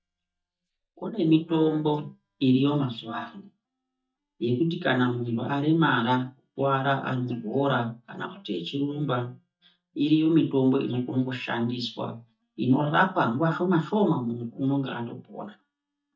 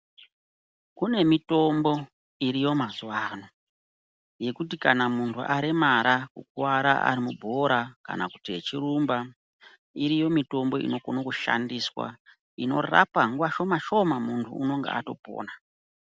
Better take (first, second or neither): second